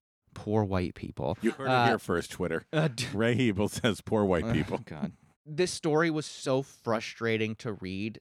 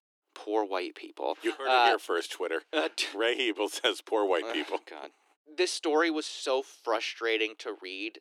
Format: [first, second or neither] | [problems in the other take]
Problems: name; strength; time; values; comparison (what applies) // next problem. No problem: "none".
first | thin; very; fading below 300 Hz